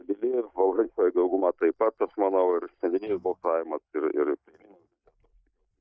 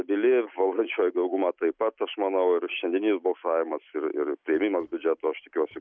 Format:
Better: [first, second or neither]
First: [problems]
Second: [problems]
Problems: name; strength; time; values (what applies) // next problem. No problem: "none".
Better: second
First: noise reduction (neural mask model DeepFilterNet 3)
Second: none